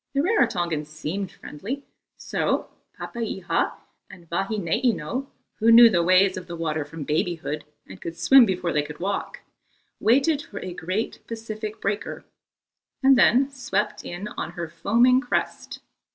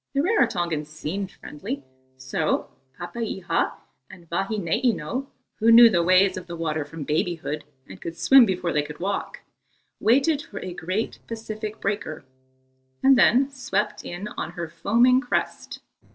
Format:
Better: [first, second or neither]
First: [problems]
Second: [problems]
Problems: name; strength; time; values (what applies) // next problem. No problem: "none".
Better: first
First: none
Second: noise reduction (neural separator model SepFormer DNS4)